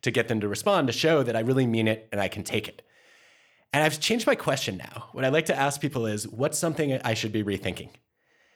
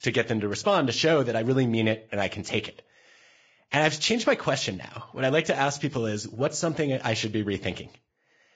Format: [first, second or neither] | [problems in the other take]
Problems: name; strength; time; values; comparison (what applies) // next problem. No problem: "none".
first | garbled, watery; badly; nothing above 7.5 kHz